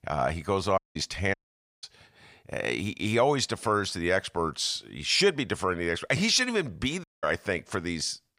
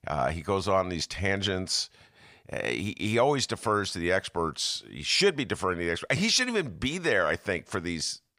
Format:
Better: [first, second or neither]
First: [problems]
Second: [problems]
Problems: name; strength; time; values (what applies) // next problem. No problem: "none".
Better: second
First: audio cutting out; at 1 s, at 1.5 s and at 7 s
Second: none